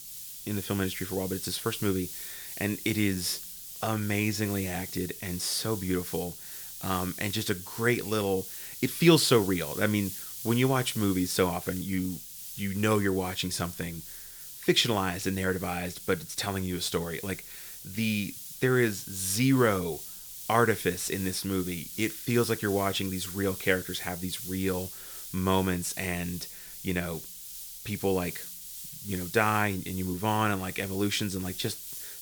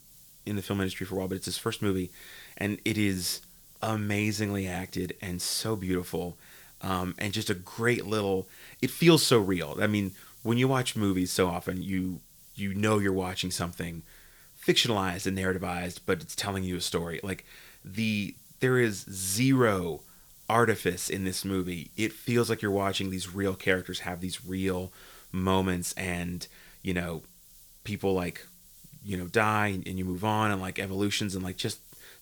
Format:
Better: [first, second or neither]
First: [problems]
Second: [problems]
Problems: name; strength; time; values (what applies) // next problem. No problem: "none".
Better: second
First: hiss; loud; throughout; 9 dB below the speech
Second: hiss; faint; throughout; 20 dB below the speech